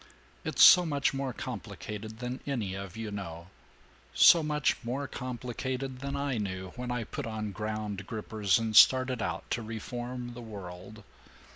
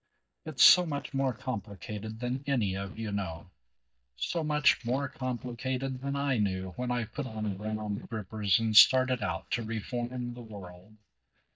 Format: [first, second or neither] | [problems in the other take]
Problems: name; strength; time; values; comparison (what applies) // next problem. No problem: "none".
first | noise reduction (neural mask model DeepFilterNet 3)